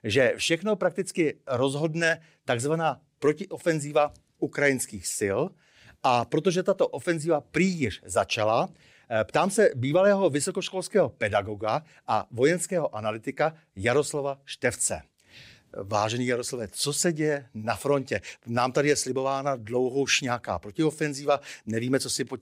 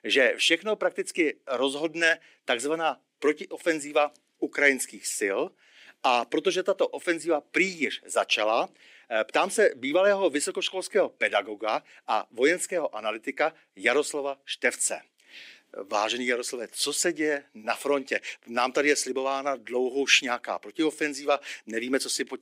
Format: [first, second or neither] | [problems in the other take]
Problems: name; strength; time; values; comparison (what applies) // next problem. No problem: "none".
first | thin; very slightly; fading below 300 Hz